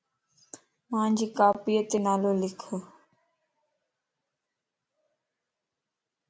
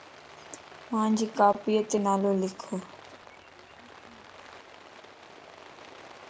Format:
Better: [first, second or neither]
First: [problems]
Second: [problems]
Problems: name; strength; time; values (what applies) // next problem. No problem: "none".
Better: first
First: none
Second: background sound (Rain); 18 dB below the speech